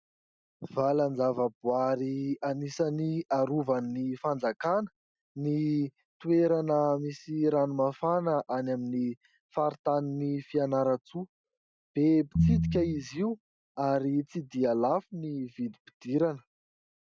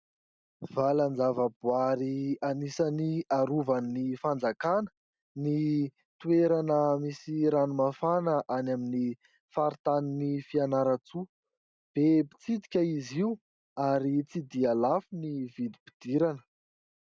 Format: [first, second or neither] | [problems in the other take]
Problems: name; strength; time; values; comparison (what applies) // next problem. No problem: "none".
second | noise reduction (classical method Wiener filter)